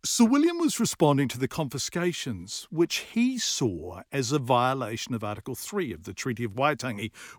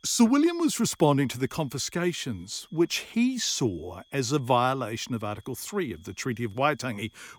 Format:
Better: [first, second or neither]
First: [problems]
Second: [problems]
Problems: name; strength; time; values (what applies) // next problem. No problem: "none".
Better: first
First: none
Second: high-pitched whine; faint; throughout; 3.5 kHz, 35 dB below the speech